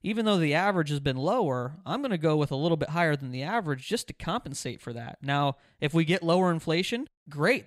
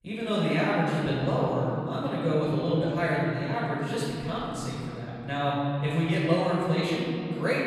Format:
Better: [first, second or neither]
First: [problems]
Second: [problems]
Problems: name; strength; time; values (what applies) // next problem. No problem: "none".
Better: first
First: none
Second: off-mic speech; far // room echo; strong; dies away in 2.9 s